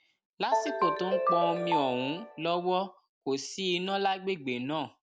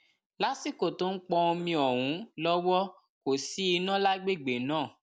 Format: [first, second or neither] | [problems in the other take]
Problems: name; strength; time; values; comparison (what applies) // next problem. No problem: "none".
second | background sound (Ringtone); as loud as the speech